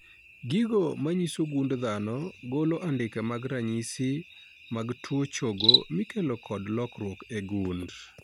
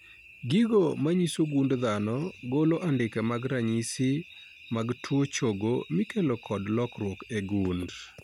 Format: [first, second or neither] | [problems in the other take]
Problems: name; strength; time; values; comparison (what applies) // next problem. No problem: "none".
second | background sound (Cricket); 5 dB below the speech